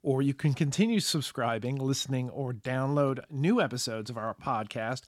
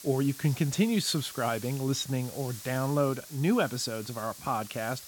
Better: first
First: none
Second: hiss; noticeable; throughout; 15 dB below the speech

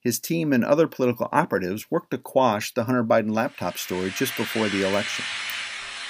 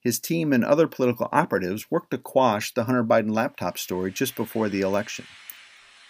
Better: second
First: machinery noise; loud; from 4 s on; 6 dB below the speech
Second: machinery noise; faint; from 4 s on; 25 dB below the speech

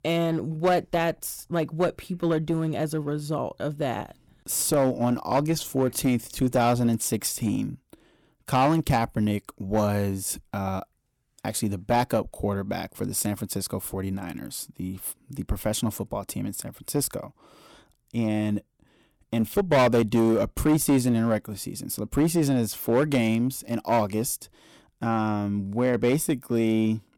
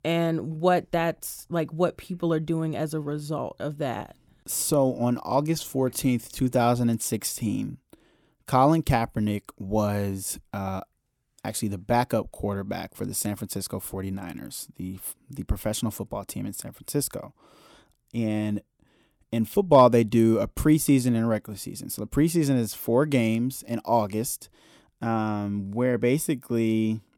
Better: second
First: distortion; slight; 5% of the sound clipped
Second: none

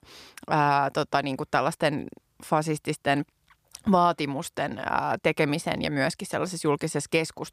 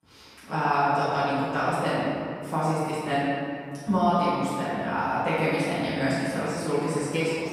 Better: first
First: none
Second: off-mic speech; far // room echo; strong; dies away in 2.1 s

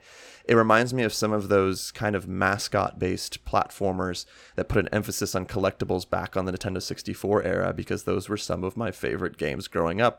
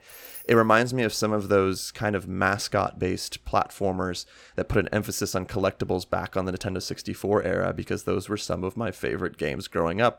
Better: first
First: none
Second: jangling keys; faint; at the start; peak 15 dB below the speech

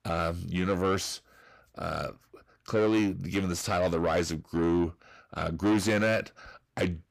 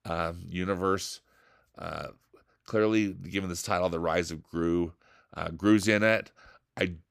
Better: second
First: distortion; heavy; 7 dB below the speech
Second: none

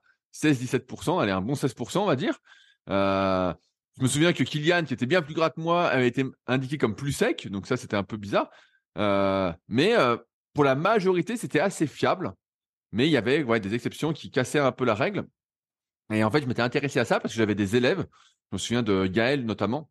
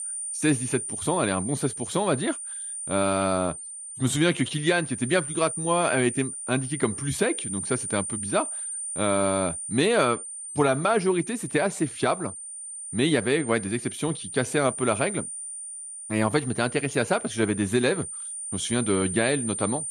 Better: first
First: none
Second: high-pitched whine; loud; throughout; 9 kHz, 6 dB below the speech

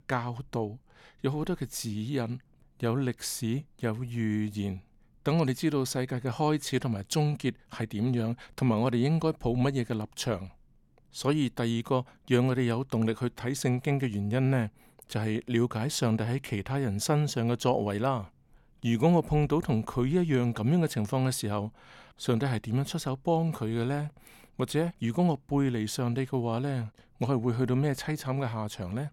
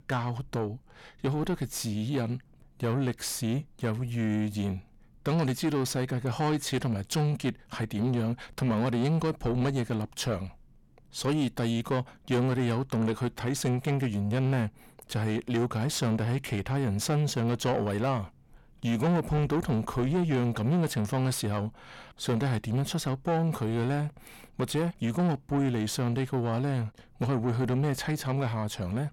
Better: first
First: none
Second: distortion; slight; 10 dB below the speech

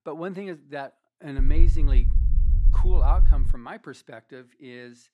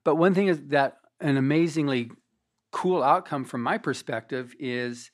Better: second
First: low rumble; loud; from 1.5 to 3.5 s; 9 dB below the speech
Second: none

